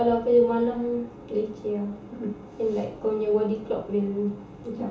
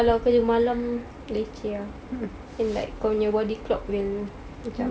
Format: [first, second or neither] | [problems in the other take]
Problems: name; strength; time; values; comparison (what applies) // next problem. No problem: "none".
second | room echo; dies away in 0.8 s